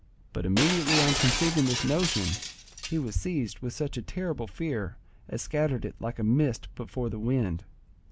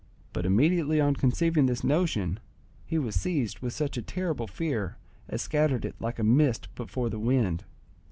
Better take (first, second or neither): second